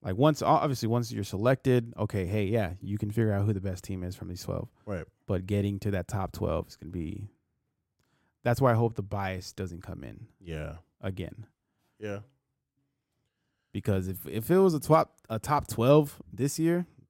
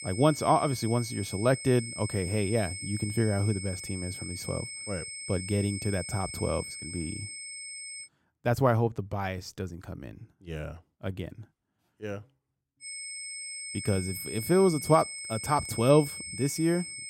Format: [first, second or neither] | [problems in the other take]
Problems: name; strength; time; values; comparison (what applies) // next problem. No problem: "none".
first | high-pitched whine; loud; until 8 s and from 13 s on; 8.5 kHz, 8 dB below the speech